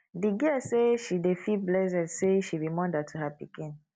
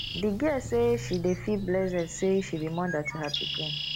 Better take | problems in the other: first | background sound (Bird + Walk, footsteps); 8 dB below the speech

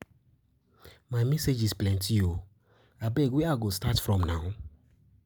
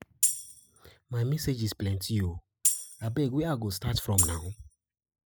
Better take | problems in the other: first | noise reduction (classical method spectral subtraction)

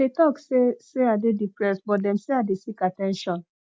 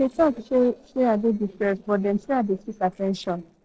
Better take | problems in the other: first | noise reduction (neural separator model SepFormer DNS4)

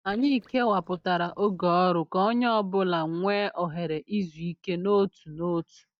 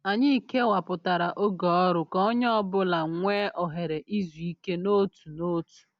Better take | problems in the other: second | noise reduction (neural mask model DeepFilterNet 3)

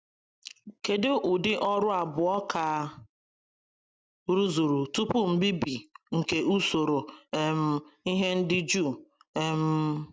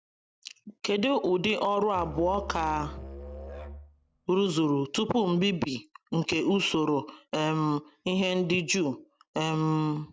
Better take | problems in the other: first | background sound (Musical instrument); 13 dB below the speech

